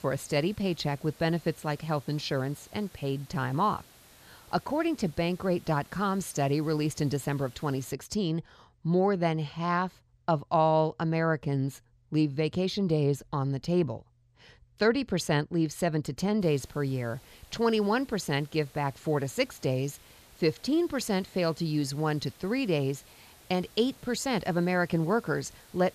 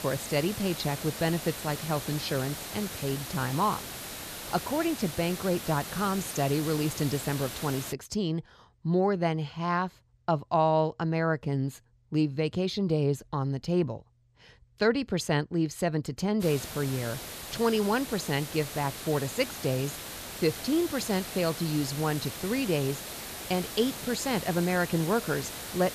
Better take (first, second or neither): first